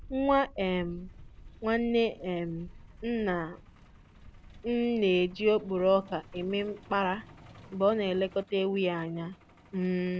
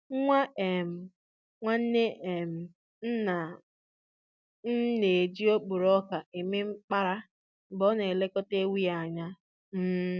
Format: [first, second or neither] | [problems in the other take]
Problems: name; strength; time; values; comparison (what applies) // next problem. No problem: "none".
second | background sound (Truck); 20 dB below the speech